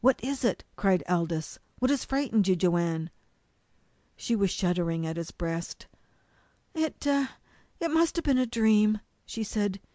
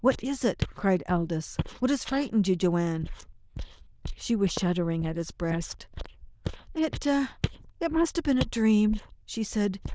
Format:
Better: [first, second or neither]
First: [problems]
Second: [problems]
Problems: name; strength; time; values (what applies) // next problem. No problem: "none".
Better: first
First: none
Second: noise reduction (neural diffusion model UNIVERSE++)